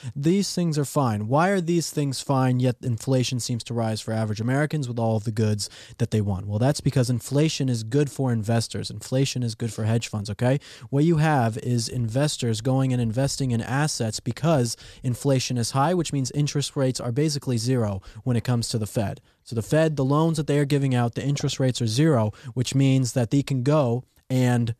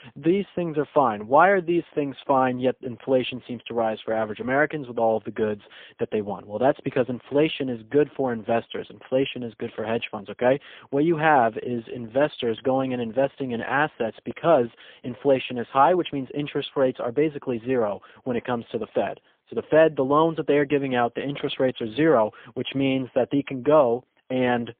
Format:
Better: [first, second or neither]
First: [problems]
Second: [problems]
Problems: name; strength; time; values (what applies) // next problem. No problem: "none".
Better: first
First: none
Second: phone-call audio; poor line; nothing above 3.5 kHz